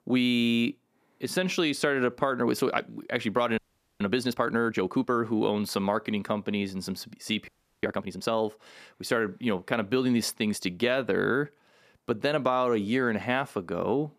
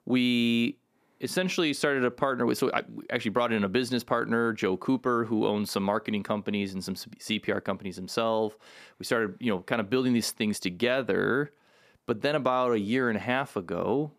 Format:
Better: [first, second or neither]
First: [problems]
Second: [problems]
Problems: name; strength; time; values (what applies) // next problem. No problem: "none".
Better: second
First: audio freezing; at 3.5 s and at 7.5 s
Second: none